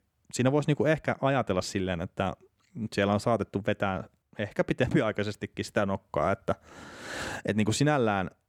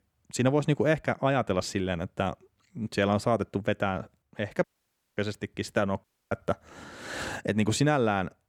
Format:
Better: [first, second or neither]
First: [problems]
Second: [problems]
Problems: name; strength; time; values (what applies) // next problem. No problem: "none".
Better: first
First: none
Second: audio cutting out; at 4.5 s for 0.5 s and at 6 s